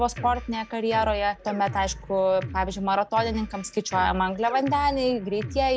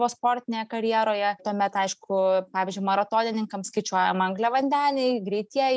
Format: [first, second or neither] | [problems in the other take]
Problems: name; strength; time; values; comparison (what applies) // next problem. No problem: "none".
second | background sound (Drum kit); 12 dB below the speech